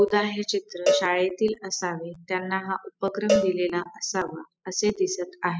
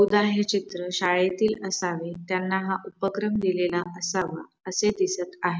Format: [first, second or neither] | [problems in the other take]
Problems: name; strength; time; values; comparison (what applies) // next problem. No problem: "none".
second | noise reduction (classical method spectral subtraction)